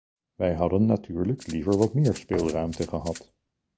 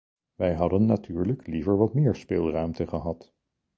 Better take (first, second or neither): second